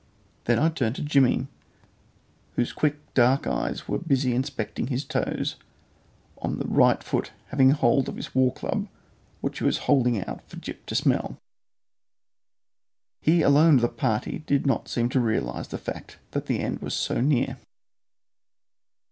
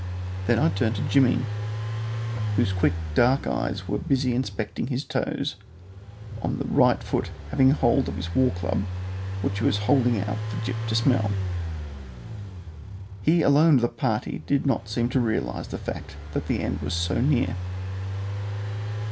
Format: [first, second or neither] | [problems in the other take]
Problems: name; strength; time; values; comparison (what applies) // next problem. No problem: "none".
first | background sound (Engine); 5 dB below the speech